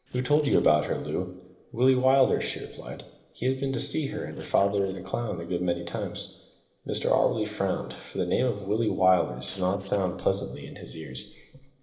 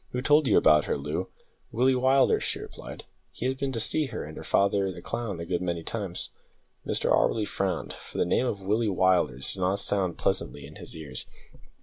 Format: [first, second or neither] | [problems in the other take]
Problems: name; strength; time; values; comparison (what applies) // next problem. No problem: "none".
second | noise reduction (neural separator model SepFormer DNS4)